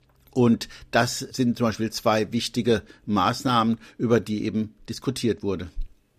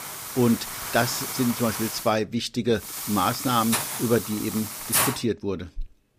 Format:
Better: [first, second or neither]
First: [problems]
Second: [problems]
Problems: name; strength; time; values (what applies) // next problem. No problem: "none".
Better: first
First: none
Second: hiss; loud; until 2 s and from 3 to 5 s; 2 dB below the speech